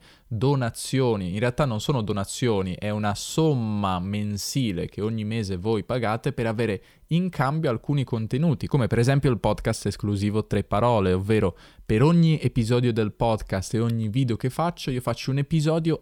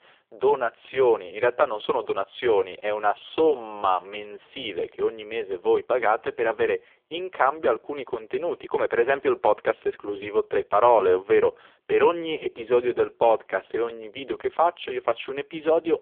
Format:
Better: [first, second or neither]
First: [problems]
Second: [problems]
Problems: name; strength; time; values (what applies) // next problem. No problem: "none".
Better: first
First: none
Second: phone-call audio; poor line; nothing above 3.5 kHz